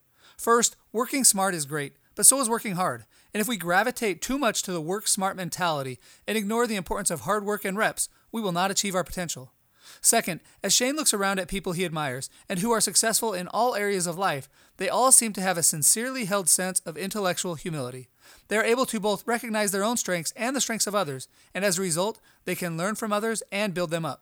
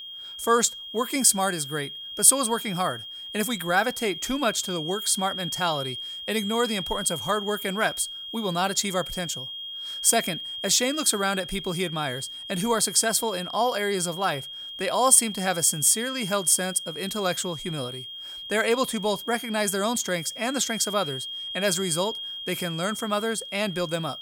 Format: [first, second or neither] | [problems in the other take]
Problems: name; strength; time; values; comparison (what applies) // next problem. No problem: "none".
first | high-pitched whine; loud; throughout; 3 kHz, 9 dB below the speech